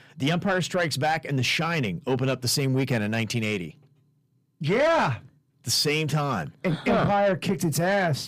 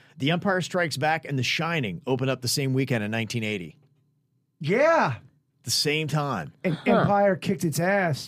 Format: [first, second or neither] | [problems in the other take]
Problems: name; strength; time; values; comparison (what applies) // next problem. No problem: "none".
second | distortion; slight; 10 dB below the speech